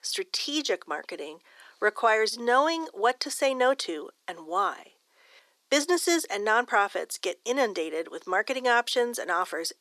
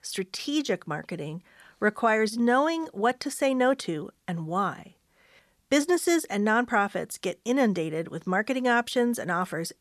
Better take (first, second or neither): second